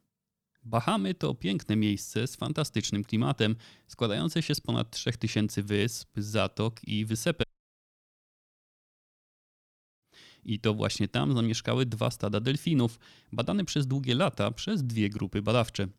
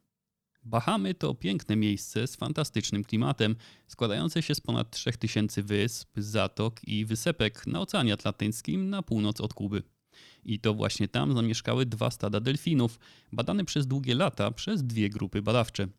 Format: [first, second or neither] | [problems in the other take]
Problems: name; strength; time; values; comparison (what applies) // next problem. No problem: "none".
second | audio cutting out; at 7.5 s for 2.5 s